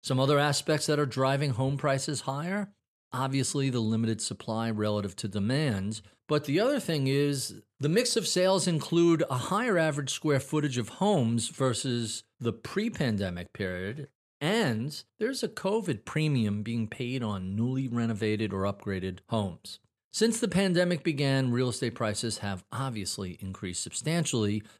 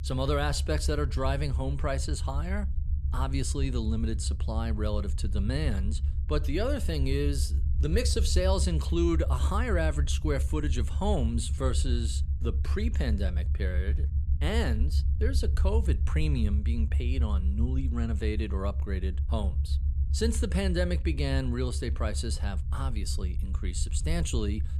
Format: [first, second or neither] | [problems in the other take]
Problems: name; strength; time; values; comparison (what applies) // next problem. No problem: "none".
first | low rumble; noticeable; throughout; 15 dB below the speech